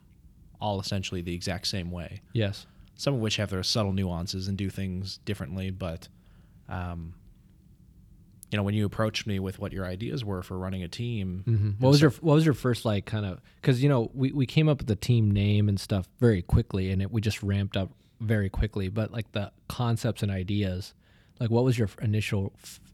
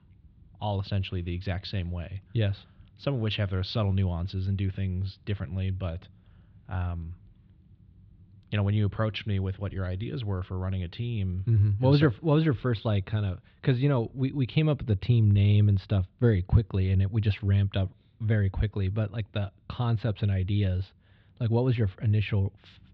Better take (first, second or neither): first